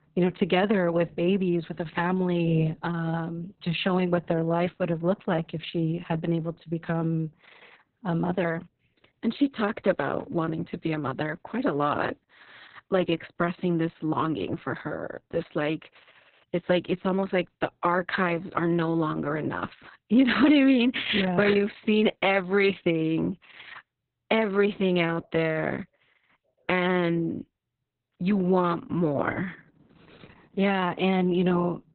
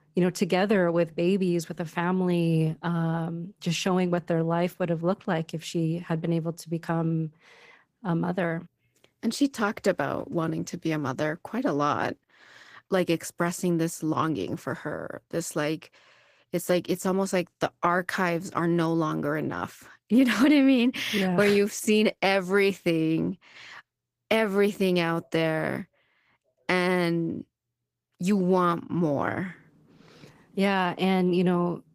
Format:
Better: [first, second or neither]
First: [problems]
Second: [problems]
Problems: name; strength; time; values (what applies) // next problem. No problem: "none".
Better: second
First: garbled, watery; badly; nothing above 4 kHz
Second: garbled, watery; slightly; nothing above 15 kHz